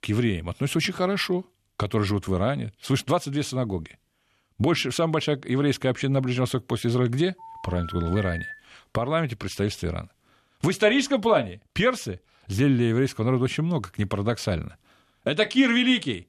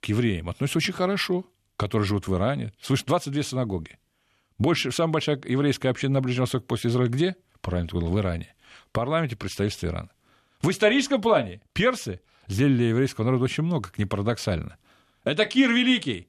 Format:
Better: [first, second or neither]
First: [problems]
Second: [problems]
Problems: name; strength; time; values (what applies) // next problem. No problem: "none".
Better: second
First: phone ringing; noticeable; from 7.5 to 8.5 s; peak 9 dB below the speech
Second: none